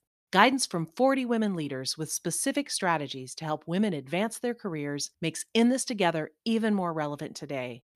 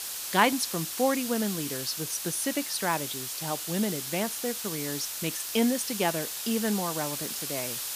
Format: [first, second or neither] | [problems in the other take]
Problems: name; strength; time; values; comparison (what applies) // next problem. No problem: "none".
first | hiss; loud; throughout; 2 dB below the speech